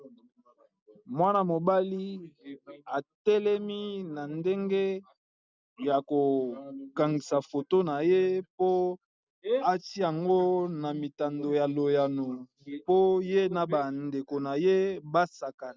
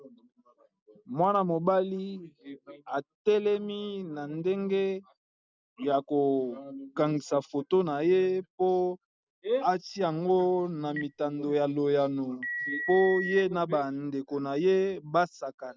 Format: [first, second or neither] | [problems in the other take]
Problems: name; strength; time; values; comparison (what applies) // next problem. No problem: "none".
first | background sound (Telephone); 9 dB below the speech